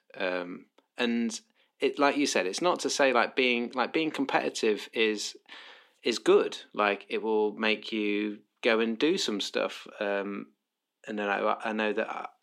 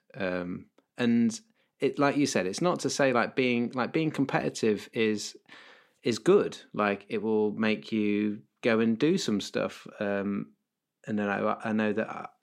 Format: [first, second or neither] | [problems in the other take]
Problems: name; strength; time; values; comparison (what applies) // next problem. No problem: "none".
second | thin; very slightly; fading below 250 Hz